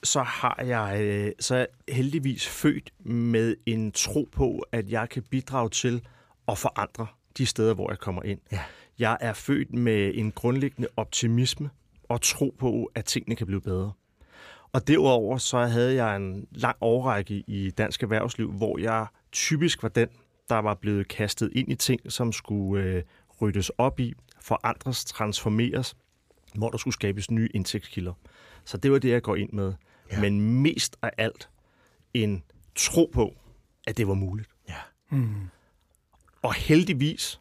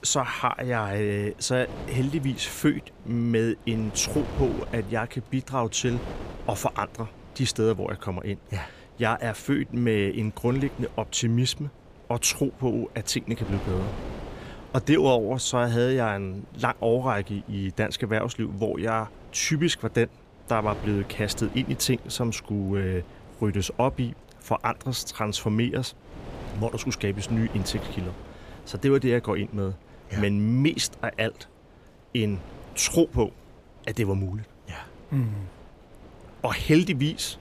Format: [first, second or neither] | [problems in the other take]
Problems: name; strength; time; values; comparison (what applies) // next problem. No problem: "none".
first | wind noise on the microphone; occasional gusts; 20 dB below the speech